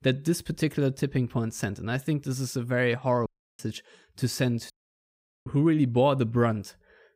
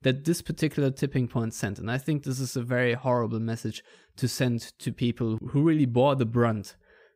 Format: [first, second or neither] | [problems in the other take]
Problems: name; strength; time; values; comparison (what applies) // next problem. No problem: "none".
second | audio cutting out; at 3.5 s and at 4.5 s for 1 s